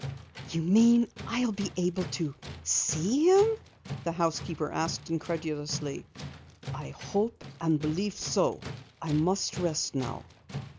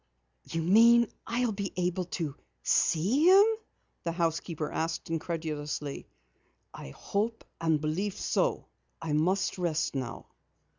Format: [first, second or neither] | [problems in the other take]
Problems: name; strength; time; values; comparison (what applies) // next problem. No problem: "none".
second | background sound (Tools); 13 dB below the speech